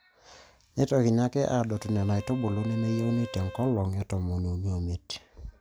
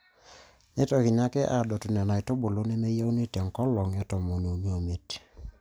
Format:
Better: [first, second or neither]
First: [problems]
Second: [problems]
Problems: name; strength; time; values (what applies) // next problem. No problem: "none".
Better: second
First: background sound (Bowed string instrument); 18 dB below the speech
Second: none